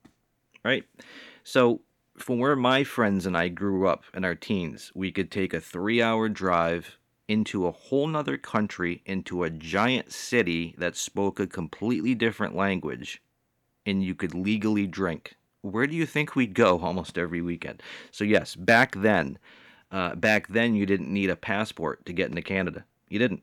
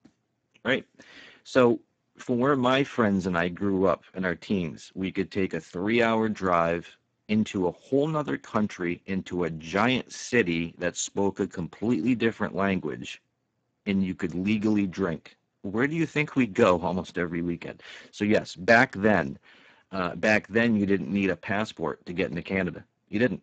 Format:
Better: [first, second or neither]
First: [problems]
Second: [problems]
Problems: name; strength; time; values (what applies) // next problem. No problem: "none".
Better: first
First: none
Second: garbled, watery; badly; nothing above 7.5 kHz